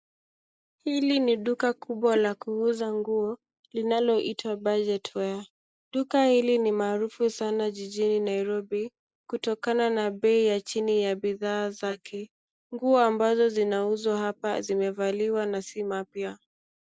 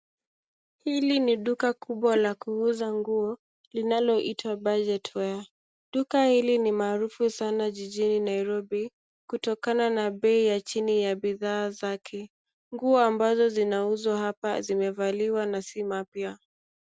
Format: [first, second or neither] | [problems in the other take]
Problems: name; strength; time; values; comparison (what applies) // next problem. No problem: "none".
second | noise reduction (neural mask model Resemble Enhance denoiser)